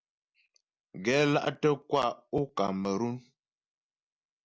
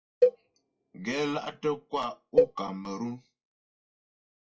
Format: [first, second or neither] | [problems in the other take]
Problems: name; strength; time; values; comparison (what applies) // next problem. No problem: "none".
first | noise reduction (classical method WPE with log-MMSE)